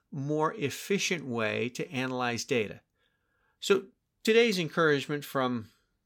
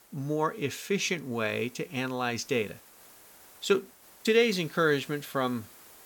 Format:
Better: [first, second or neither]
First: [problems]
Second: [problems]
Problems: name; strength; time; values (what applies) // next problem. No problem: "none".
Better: first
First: none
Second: hiss; faint; throughout; 25 dB below the speech